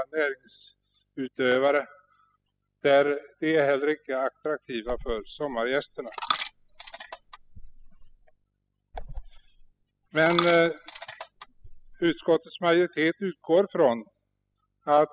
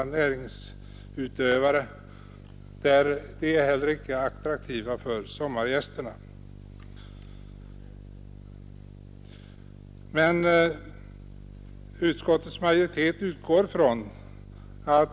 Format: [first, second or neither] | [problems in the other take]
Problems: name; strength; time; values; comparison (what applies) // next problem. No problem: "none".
second | noise reduction (classical method spectral subtraction)